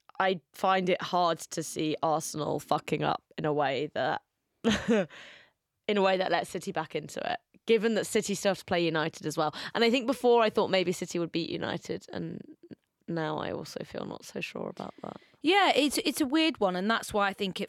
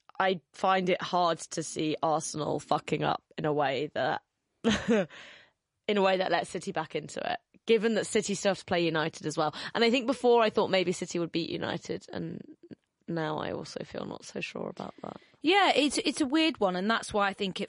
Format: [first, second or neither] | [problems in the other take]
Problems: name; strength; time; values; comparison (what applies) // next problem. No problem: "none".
first | garbled, watery; slightly; nothing above 10.5 kHz